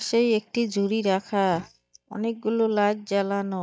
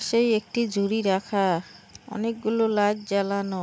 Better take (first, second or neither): second